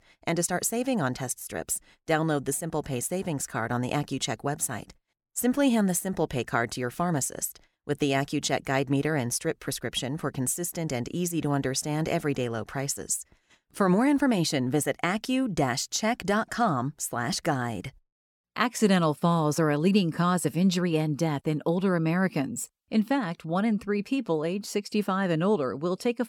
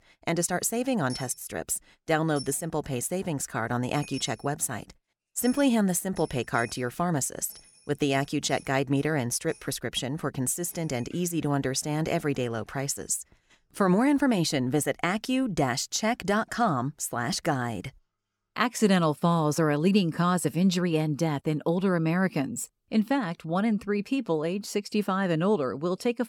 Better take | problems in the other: first | household noises; noticeable; throughout; 20 dB below the speech

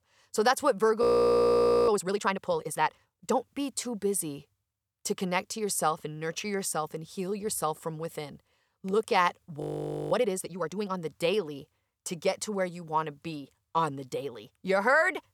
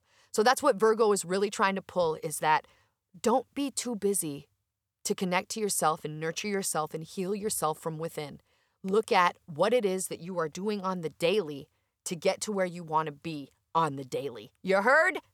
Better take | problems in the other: second | audio freezing; at 1 s for 1 s and at 9.5 s for 0.5 s

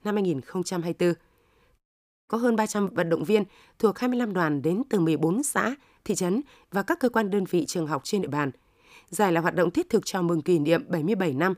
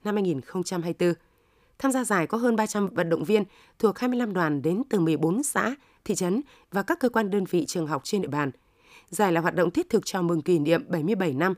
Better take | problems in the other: second | audio cutting out; at 2 s

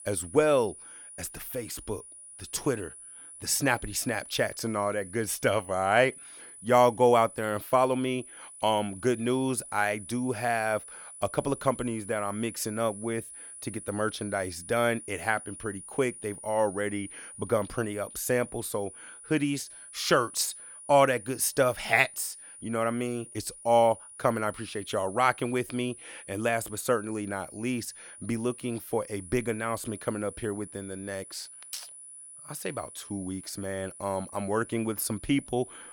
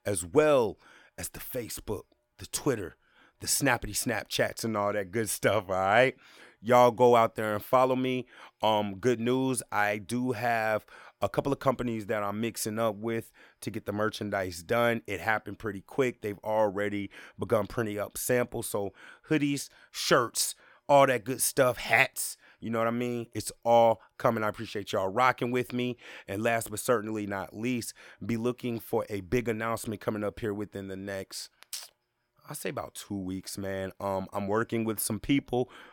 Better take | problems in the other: second | high-pitched whine; noticeable; throughout; 10 kHz, 15 dB below the speech

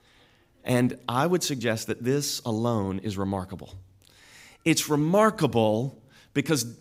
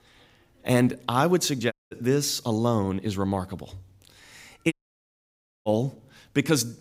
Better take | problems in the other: first | audio cutting out; at 1.5 s and at 4.5 s for 1 s

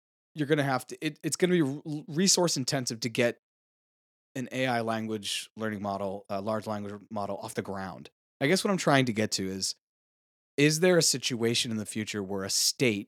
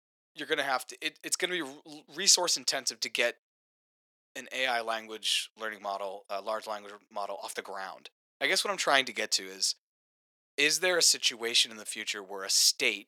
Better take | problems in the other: first | thin; very; fading below 650 Hz

